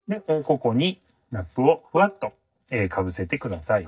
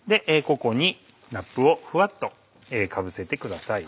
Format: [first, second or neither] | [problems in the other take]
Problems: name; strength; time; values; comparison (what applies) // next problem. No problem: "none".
second | noise reduction (neural mask model DeepFilterNet 3)